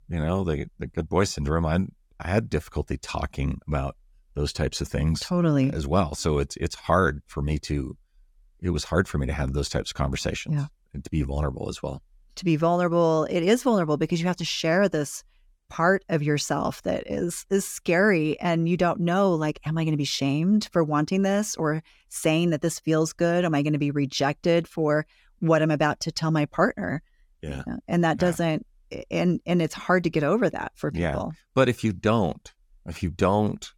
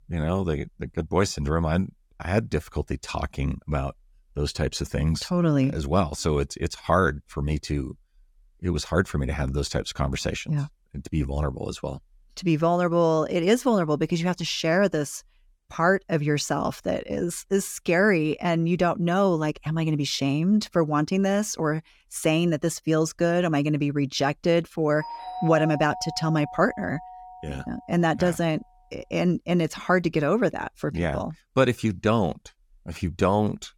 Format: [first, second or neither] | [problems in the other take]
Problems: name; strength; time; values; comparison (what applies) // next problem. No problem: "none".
first | doorbell; noticeable; from 25 to 28 s; peak 7 dB below the speech